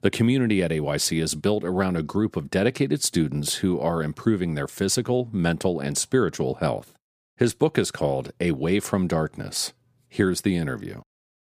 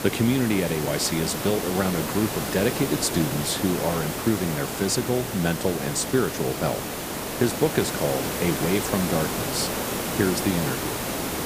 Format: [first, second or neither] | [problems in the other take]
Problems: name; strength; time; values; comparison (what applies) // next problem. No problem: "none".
first | hiss; loud; throughout; 3 dB below the speech